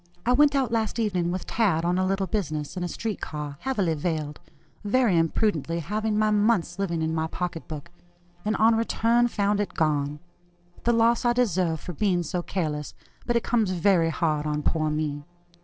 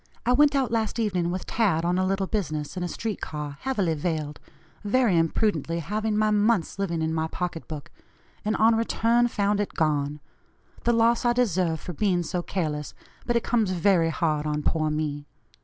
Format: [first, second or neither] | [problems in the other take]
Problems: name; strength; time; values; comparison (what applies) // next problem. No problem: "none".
second | noise reduction (neural separator model SepFormer DNS4)